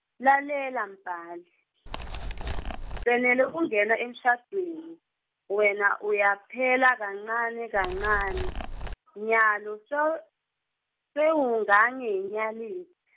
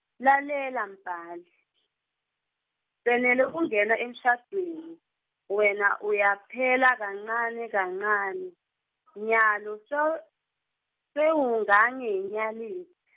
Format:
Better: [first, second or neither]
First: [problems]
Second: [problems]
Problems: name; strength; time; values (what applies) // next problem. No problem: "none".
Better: second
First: background sound (Animal); 6 dB below the speech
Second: none